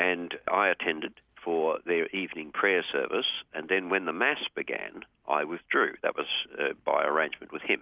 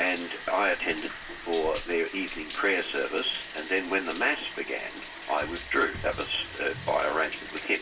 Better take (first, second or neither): first